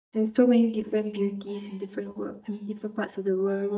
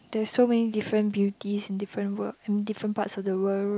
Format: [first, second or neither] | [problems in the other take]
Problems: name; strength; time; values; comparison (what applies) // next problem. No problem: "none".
second | noise reduction (neural mask model DeepFilterNet 3)